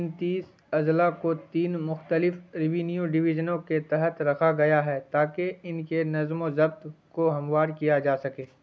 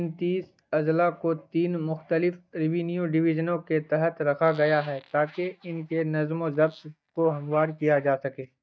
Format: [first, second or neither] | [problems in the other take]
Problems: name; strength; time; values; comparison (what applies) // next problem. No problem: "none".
first | noise reduction (neural mask model DeepFilterNet 3)